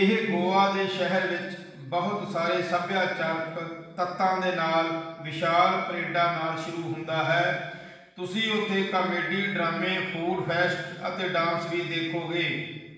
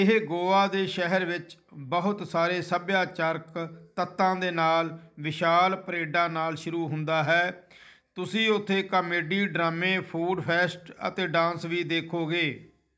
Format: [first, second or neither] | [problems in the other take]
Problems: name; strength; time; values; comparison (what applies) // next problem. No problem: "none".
second | room echo; dies away in 1.1 s